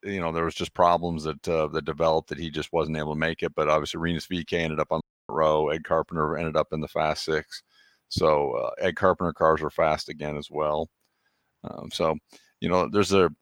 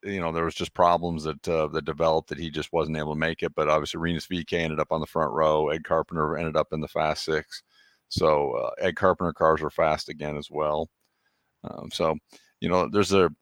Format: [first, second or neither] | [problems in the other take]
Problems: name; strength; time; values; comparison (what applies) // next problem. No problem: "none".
second | audio cutting out; at 5 s